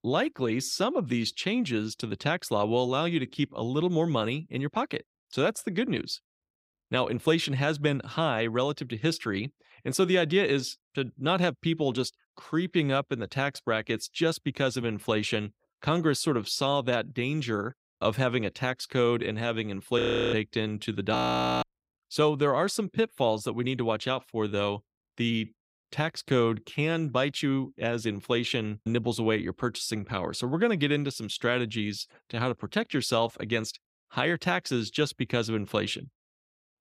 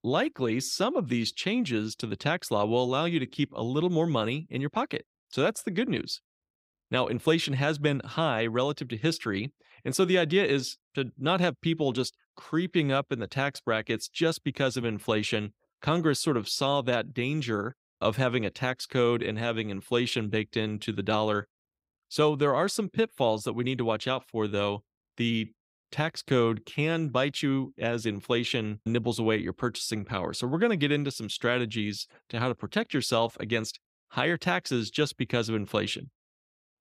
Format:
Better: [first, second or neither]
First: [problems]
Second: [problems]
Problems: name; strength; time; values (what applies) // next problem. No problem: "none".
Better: second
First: audio freezing; at 20 s and at 21 s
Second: none